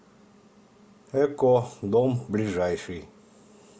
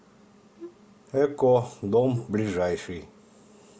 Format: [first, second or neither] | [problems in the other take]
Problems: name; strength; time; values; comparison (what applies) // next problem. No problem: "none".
first | background sound (Wind instrument, woodwind instrument); 19 dB below the speech